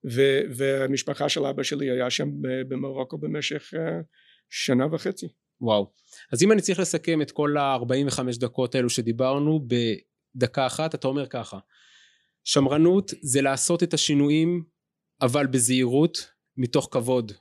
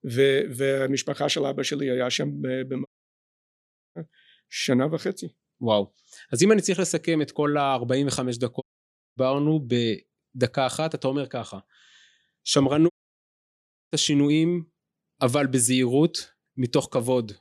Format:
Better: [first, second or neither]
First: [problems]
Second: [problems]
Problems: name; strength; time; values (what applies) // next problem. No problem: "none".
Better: first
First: none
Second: audio cutting out; at 3 s for 1 s, at 8.5 s for 0.5 s and at 13 s for 1 s